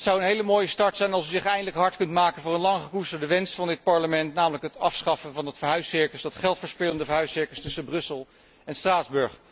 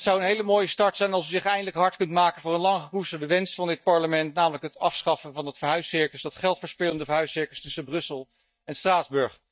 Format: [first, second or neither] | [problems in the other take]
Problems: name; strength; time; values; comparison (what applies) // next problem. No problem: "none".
first | noise reduction (neural mask model DeepFilterNet 3)